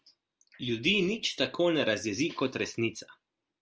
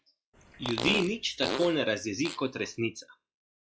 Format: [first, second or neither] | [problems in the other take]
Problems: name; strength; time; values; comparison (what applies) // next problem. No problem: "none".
first | noise reduction (classical method log-MMSE)